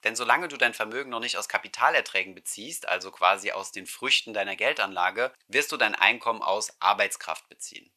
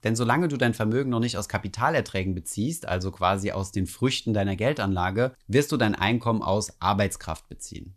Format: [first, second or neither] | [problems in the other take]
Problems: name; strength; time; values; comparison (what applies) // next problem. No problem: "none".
second | thin; very; fading below 750 Hz